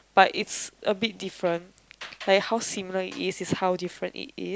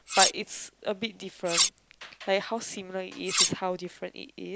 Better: first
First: none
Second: background sound (Cutlery, silverware); 4 dB above the speech

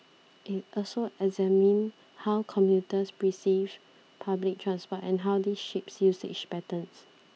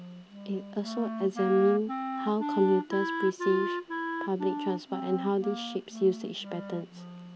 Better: first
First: none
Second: background sound (Wind instrument, woodwind instrument); 6 dB below the speech

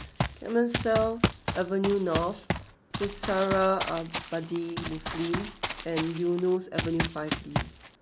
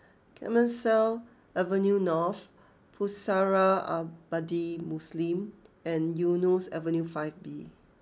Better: second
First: background sound (Run); 4 dB below the speech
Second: none

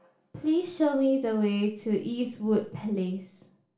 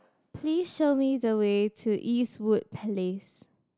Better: second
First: room echo; dies away in 0.5 s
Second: none

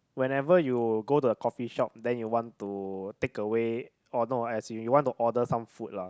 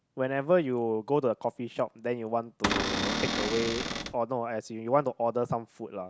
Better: first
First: none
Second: background sound (Cupboard open or close / Door); as loud as the speech

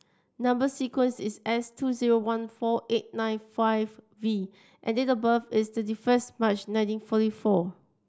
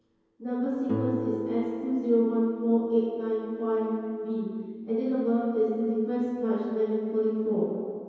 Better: first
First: none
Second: background sound (Guitar); 12 dB below the speech // room echo; dies away in 2.2 s

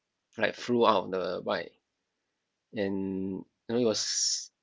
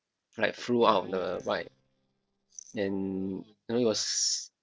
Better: first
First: none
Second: noise reduction (neural separator model SepFormer DNS4)

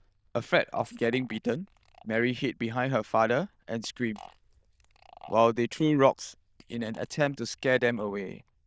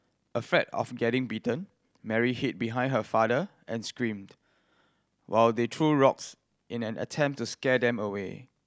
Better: second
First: noise reduction (neural diffusion model UNIVERSE++)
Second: none

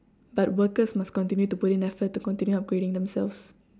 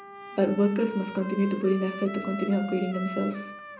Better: first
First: none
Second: background sound (Trumpet); 13 dB below the speech // room echo; dies away in 0.5 s

